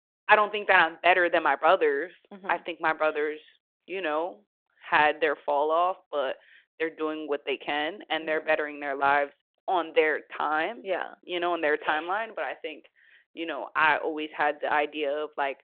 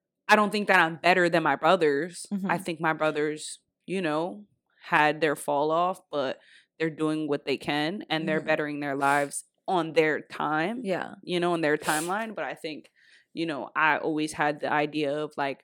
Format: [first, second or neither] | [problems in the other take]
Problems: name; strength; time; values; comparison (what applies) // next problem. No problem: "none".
second | phone-call audio